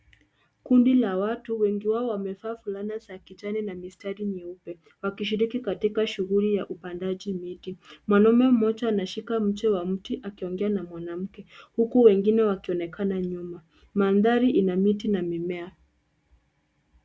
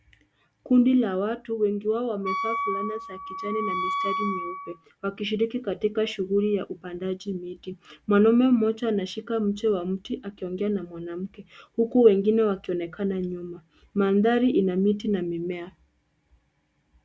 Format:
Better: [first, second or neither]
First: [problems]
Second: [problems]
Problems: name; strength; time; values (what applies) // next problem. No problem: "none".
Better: first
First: none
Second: background sound (Wind instrument, woodwind instrument); 5 dB below the speech